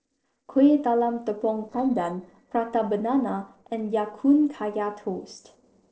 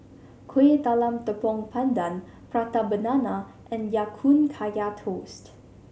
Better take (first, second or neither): second